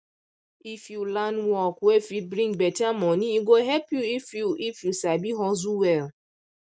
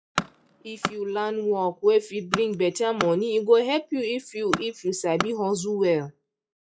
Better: first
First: none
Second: noise reduction (classical method log-MMSE)

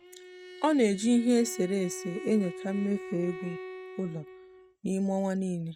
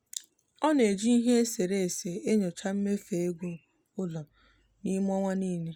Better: second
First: noise reduction (neural mask model RNNoise)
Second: none

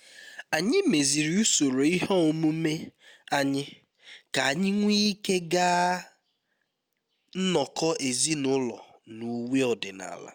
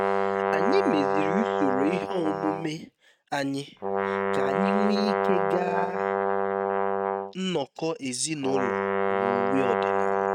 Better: first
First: none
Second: noise reduction (neural mask model RNNoise)

